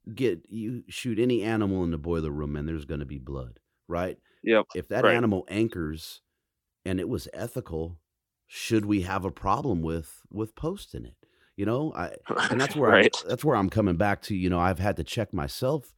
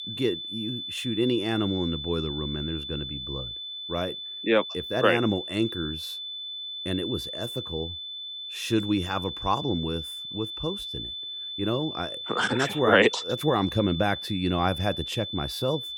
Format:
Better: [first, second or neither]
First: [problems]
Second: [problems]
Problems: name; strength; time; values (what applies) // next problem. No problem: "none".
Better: first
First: none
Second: high-pitched whine; loud; throughout; 3.5 kHz, 6 dB below the speech